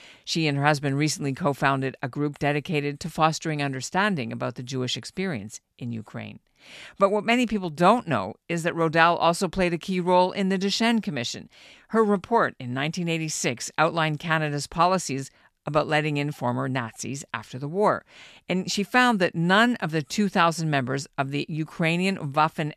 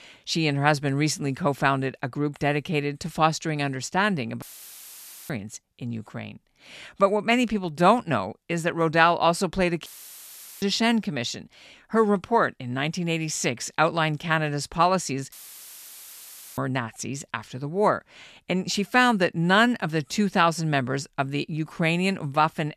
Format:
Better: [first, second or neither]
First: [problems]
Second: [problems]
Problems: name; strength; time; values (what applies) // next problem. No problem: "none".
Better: first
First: none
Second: audio cutting out; filled with static; at 4.5 s for 1 s, at 10 s for 1 s and at 15 s for 1.5 s